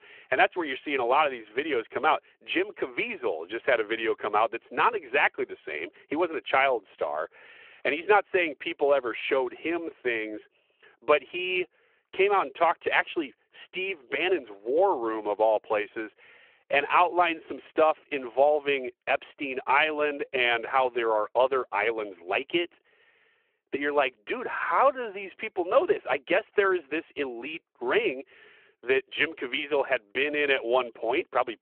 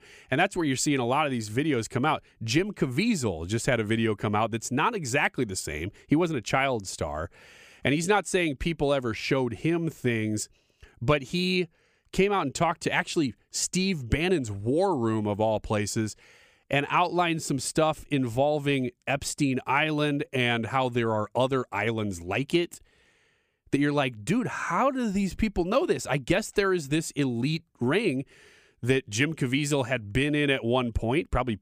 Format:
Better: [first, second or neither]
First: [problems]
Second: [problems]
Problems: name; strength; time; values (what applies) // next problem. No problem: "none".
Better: second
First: phone-call audio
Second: none